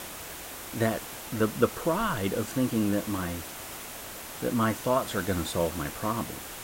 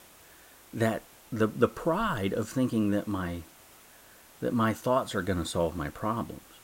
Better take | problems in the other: second | hiss; loud; throughout; 9 dB below the speech; faint in the second

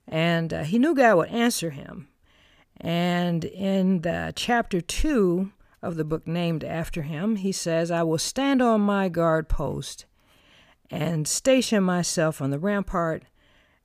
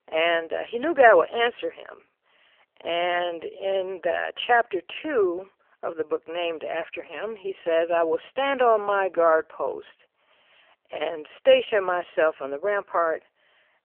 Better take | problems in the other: first | phone-call audio; poor line; nothing above 3 kHz

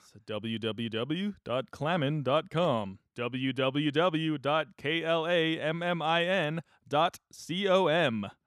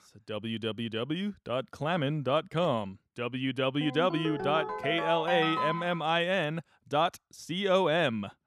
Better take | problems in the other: first | phone ringing; noticeable; from 4 to 6 s; peak 1 dB below the speech

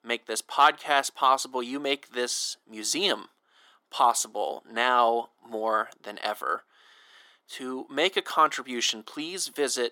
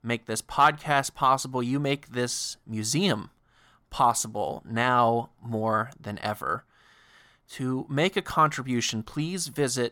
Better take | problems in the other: second | thin; somewhat; fading below 300 Hz

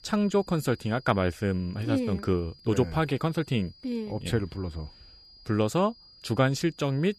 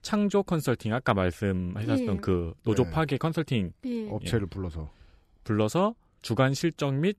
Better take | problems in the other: second | high-pitched whine; faint; throughout; 5 kHz, 25 dB below the speech

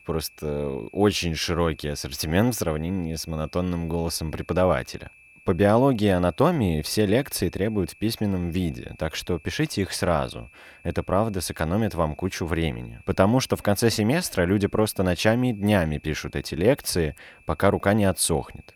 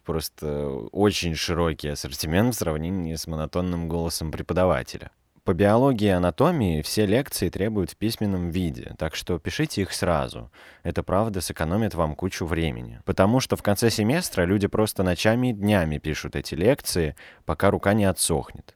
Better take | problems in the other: second | high-pitched whine; faint; throughout; 2.5 kHz, 25 dB below the speech

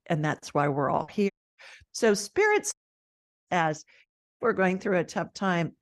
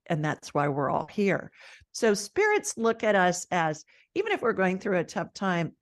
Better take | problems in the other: second | audio cutting out; at 1.5 s, at 2.5 s for 0.5 s and at 4 s

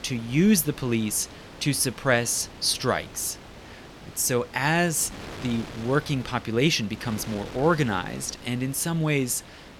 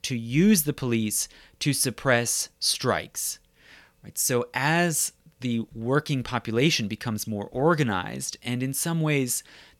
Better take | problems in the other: second | wind noise on the microphone; occasional gusts; 15 dB below the speech

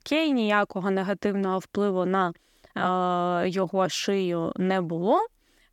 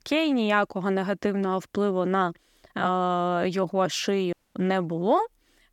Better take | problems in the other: first | audio cutting out; at 4.5 s

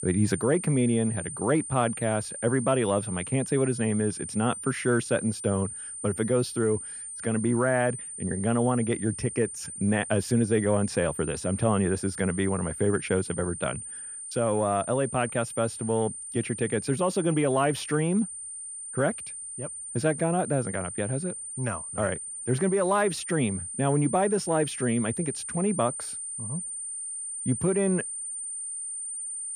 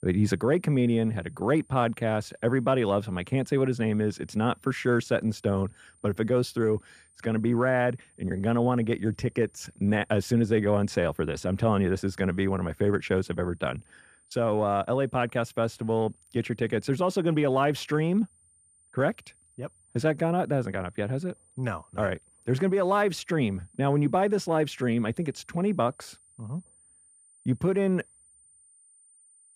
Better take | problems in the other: second | high-pitched whine; loud; throughout; 9 kHz, 7 dB below the speech; faint in the second

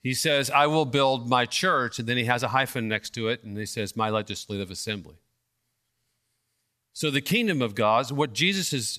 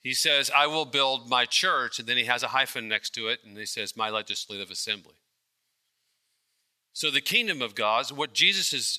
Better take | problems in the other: first | thin; somewhat; fading below 750 Hz

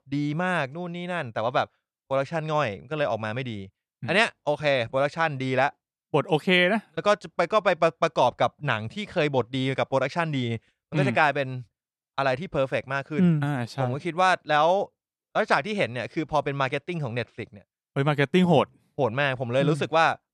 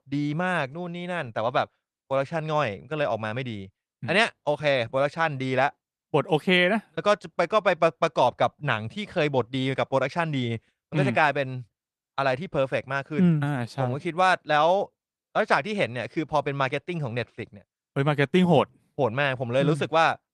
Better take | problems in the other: first | garbled, watery; slightly

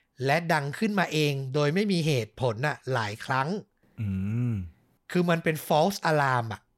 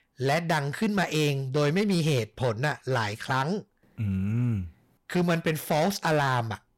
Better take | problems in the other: first | distortion; slight; 7% of the sound clipped

